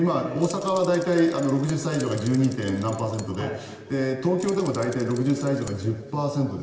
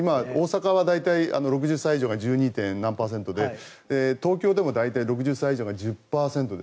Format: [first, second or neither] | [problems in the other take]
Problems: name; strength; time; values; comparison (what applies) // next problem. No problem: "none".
second | background sound (Keys jangling); 20 dB below the speech // room echo; dies away in 2.3 s